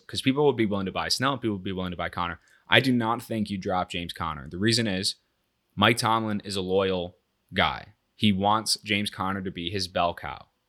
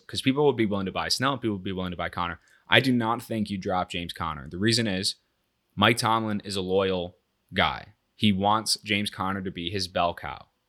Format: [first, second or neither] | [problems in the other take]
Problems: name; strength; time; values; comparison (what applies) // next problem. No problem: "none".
neither | none